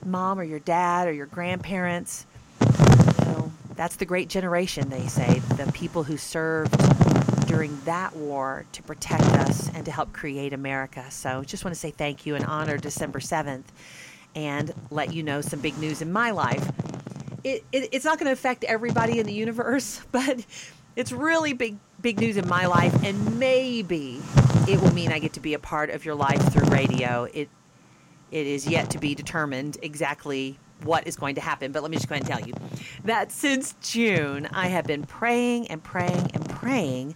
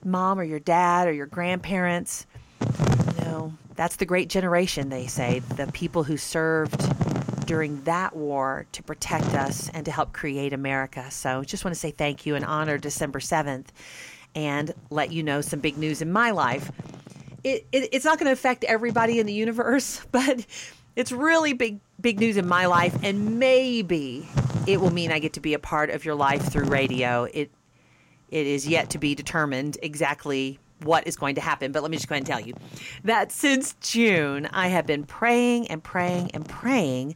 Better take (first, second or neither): second